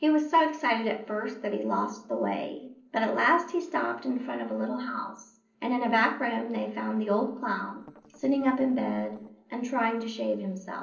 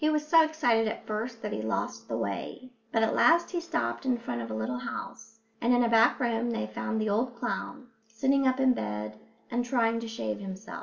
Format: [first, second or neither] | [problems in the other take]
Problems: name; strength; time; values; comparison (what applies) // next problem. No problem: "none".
second | noise reduction (neural separator model SepFormer DNS4)